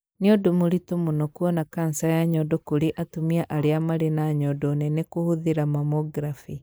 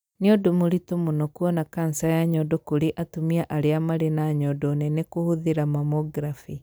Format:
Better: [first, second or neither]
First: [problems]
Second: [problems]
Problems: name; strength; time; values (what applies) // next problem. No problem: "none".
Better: second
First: noise reduction (neural mask model Resemble Enhance denoiser)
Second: none